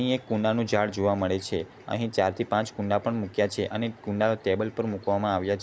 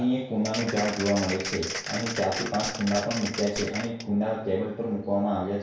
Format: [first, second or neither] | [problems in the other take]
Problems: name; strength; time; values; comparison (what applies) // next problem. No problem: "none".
first | background sound (Applause); 7 dB below the speech // room echo; dies away in 0.6 s